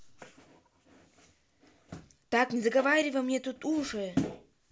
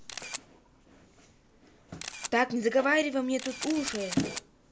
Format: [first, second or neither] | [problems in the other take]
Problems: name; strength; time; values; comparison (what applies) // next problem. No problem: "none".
first | background sound (Camera); 12 dB below the speech